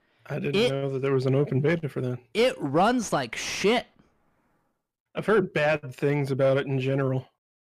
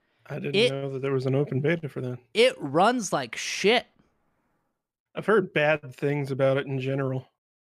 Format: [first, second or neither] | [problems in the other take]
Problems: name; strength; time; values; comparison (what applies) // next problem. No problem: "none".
second | distortion; slight; 10 dB below the speech